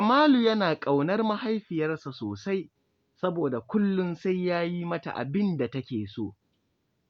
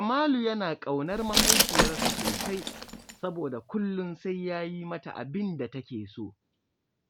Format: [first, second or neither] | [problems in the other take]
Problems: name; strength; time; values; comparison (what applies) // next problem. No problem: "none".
first | background sound (Glass); 4 dB above the speech